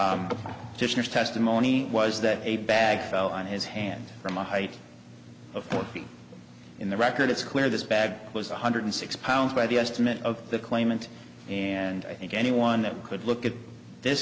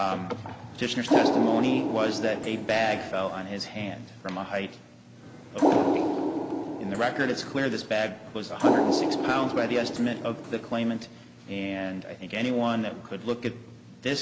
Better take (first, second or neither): first